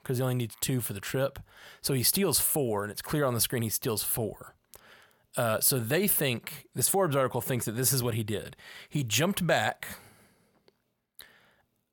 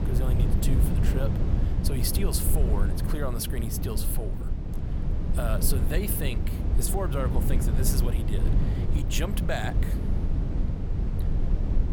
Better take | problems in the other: first | low rumble; loud; throughout; 4 dB below the speech

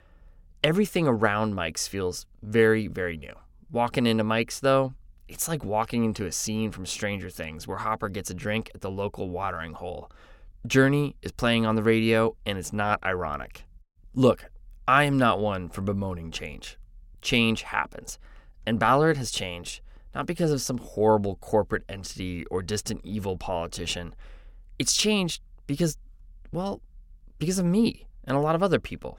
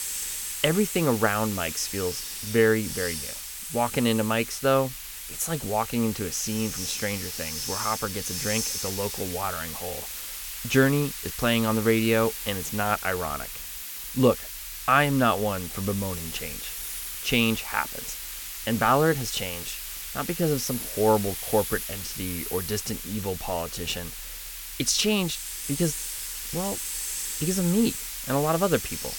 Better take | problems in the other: first | hiss; loud; throughout; 6 dB below the speech

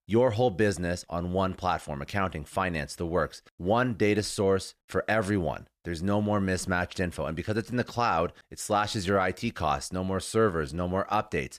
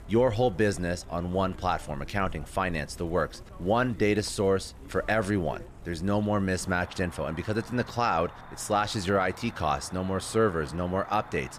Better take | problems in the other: first | animal sounds; noticeable; throughout; 20 dB below the speech

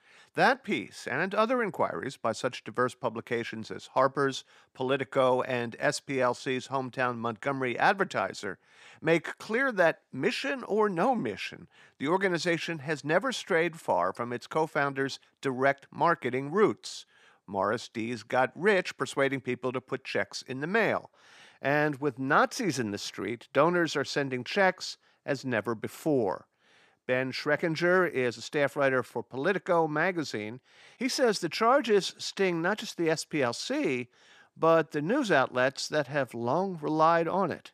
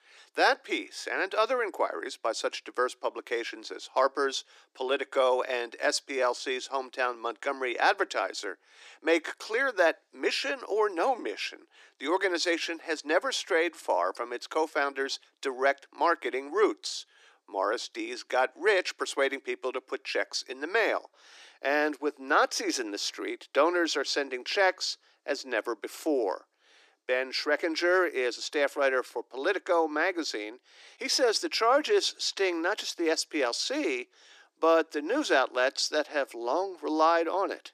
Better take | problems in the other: first | thin; somewhat; fading below 300 Hz

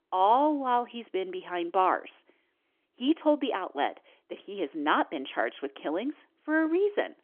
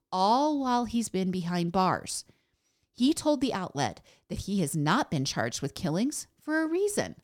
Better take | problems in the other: second | phone-call audio; nothing above 3.5 kHz

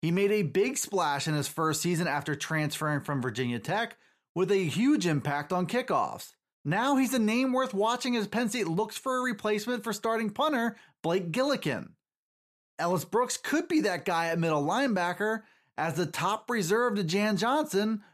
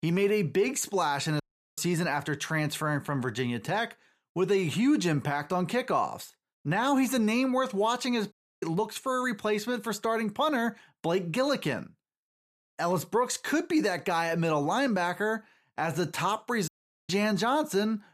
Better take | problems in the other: first | audio cutting out; at 1.5 s, at 8.5 s and at 17 s

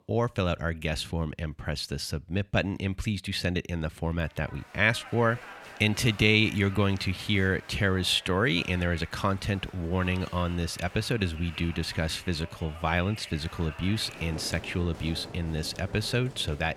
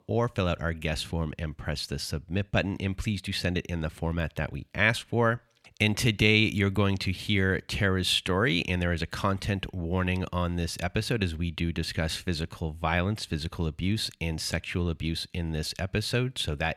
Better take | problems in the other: second | crowd noise; noticeable; from 4.5 s on; 15 dB below the speech

